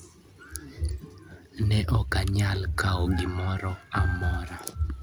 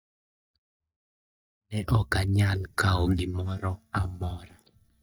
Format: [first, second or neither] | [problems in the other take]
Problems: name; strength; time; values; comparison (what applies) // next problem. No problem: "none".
first | noise reduction (neural mask model DeepFilterNet 3)